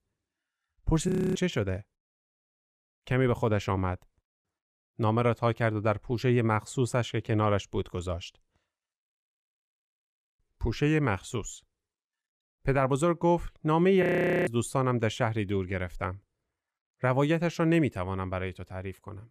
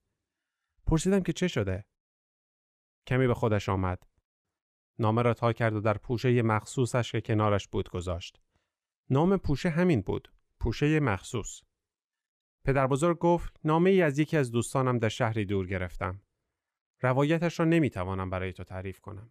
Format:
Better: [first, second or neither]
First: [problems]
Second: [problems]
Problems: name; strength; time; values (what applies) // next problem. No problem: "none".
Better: second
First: audio freezing; at 1 s, at 9 s for 1.5 s and at 14 s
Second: none